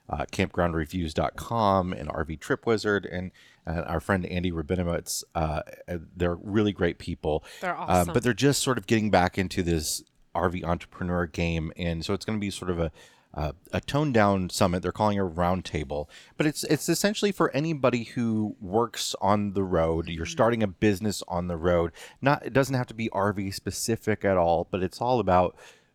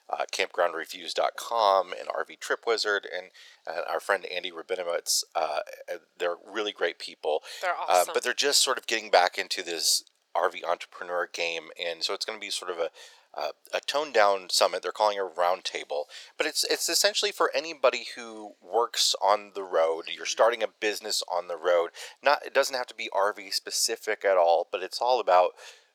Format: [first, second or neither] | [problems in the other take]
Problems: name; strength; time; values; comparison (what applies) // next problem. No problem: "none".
first | thin; very; fading below 500 Hz